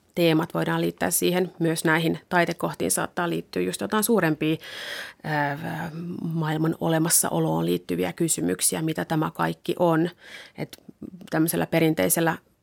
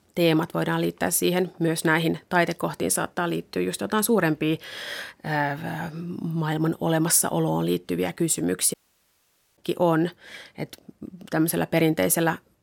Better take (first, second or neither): first